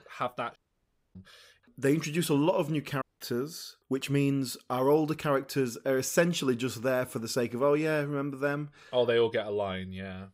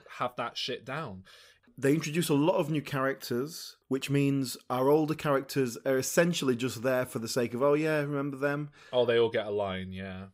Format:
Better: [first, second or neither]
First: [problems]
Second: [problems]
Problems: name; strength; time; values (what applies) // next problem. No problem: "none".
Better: second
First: audio cutting out; at 0.5 s for 0.5 s and at 3 s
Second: none